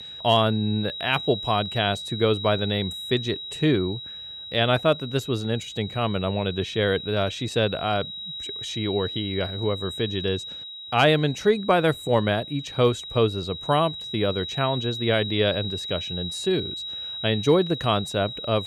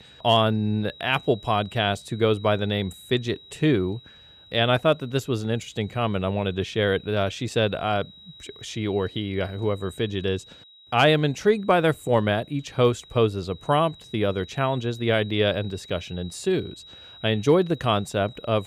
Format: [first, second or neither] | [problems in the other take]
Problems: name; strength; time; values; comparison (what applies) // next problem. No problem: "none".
second | high-pitched whine; loud; throughout; 4 kHz, 8 dB below the speech; faint in the second